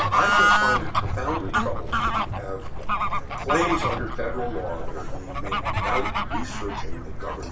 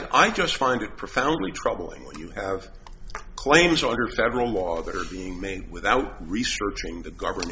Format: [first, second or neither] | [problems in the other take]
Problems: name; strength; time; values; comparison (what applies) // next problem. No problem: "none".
second | background sound (Bird / Fowl); 4 dB above the speech // room echo; dies away in 0.3 s